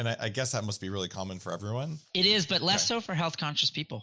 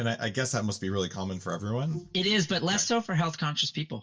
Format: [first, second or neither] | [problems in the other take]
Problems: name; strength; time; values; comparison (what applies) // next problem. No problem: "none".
first | noise reduction (neural mask model DeepFilterNet 3)